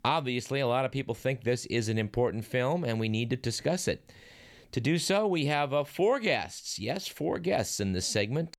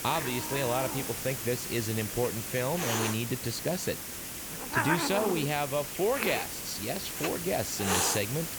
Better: first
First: none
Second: hiss; loud; throughout; 1 dB below the speech

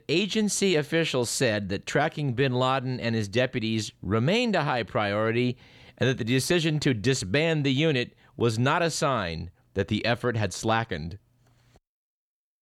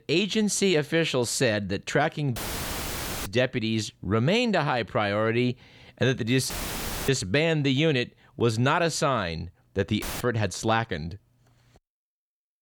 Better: first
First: none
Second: audio cutting out; filled with static; at 2.5 s for 1 s, at 6.5 s for 0.5 s and at 10 s

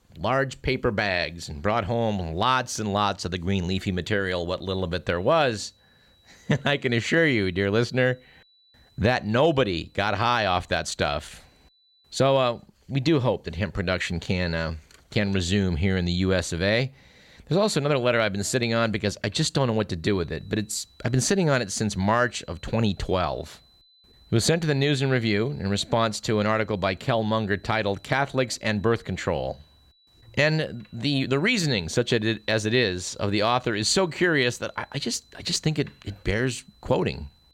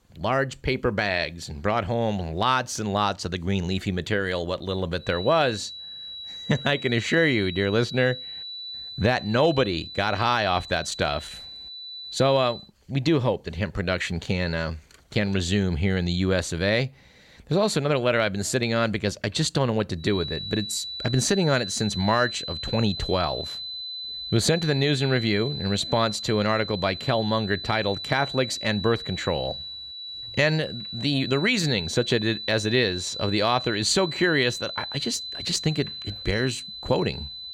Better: first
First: high-pitched whine; faint; from 5 to 13 s and from 20 s on; 4 kHz, 35 dB below the speech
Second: high-pitched whine; loud; from 5 to 13 s and from 20 s on; 4 kHz, 8 dB below the speech

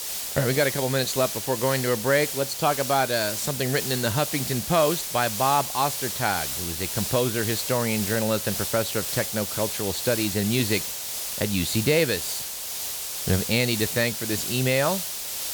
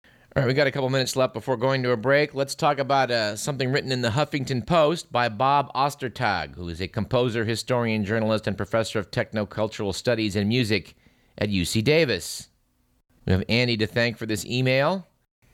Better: second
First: hiss; loud; throughout; 3 dB below the speech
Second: none

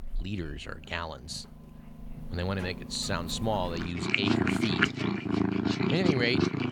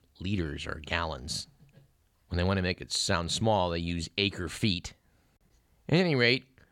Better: second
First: animal sounds; very loud; throughout; 3 dB above the speech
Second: none

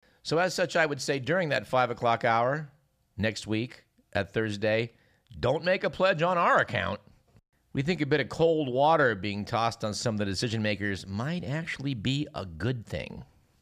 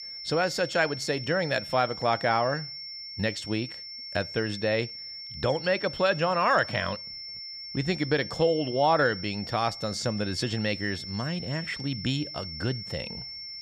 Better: first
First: none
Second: high-pitched whine; loud; throughout; 5.5 kHz, 9 dB below the speech

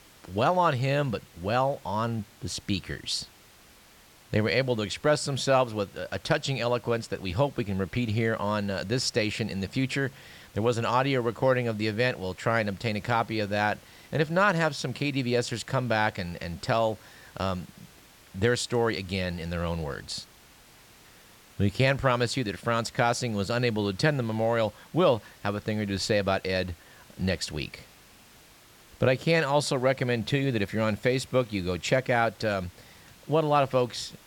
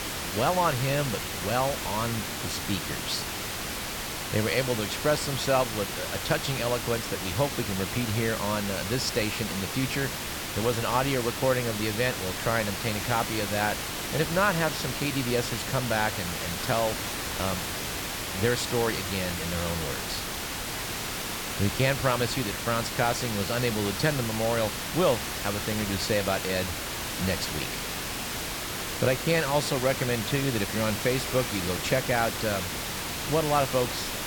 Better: first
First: hiss; faint; throughout; 25 dB below the speech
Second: hiss; loud; throughout; 3 dB below the speech

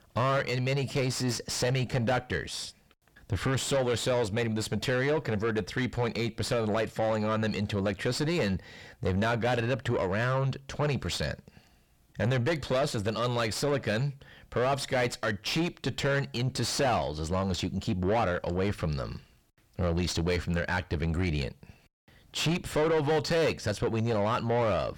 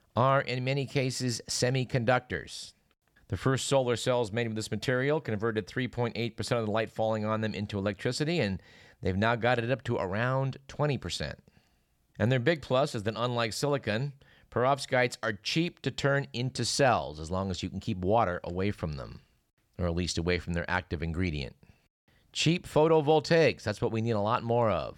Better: second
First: distortion; heavy; 6 dB below the speech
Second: none

